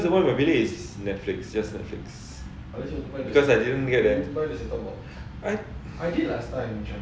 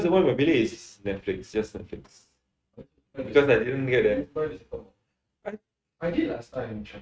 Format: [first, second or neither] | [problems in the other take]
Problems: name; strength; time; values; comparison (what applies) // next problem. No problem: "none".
first | noise reduction (neural mask model RNNoise)